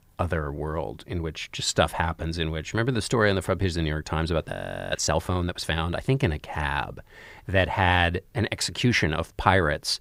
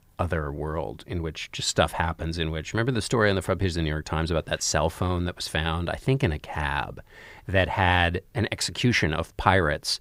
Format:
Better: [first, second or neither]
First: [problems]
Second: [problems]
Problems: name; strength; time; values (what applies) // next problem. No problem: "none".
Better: second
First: audio freezing; at 4.5 s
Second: none